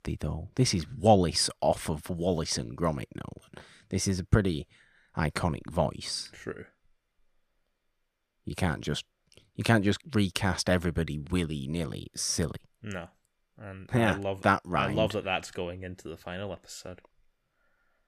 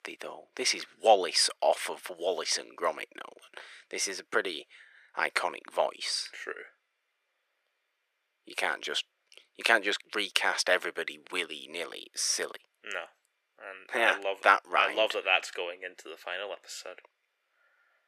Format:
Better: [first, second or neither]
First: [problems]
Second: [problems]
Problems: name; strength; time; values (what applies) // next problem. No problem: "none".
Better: first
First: none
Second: thin; very; fading below 400 Hz